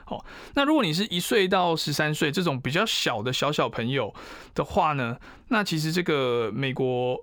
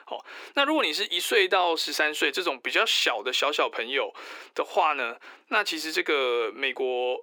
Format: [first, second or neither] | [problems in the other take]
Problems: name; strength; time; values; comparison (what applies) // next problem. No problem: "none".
first | thin; very; fading below 350 Hz